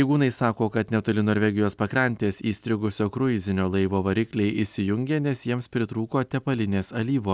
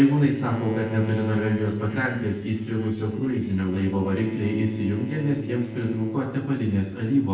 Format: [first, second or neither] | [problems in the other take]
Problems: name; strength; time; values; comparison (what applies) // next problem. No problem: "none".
first | noise reduction (neural separator model SepFormer DNS4)